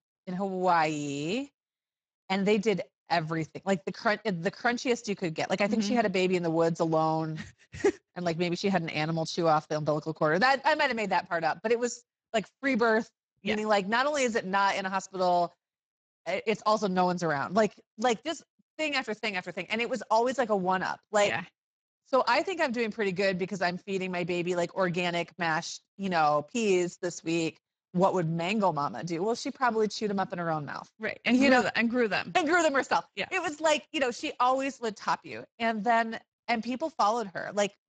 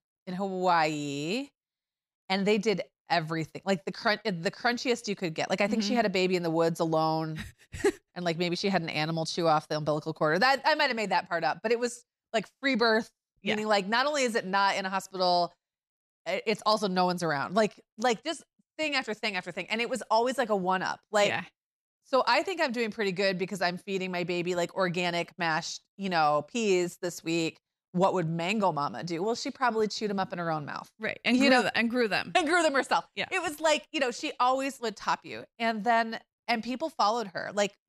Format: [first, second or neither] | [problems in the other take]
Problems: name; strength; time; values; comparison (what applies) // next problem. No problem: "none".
second | garbled, watery; badly; nothing above 7.5 kHz